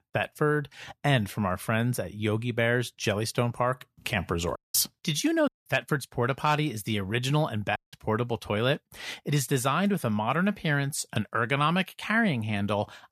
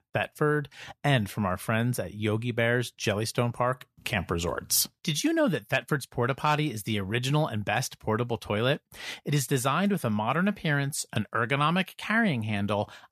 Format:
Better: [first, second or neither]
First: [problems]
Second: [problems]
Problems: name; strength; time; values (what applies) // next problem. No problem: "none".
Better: second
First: audio cutting out; at 4.5 s, at 5.5 s and at 8 s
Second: none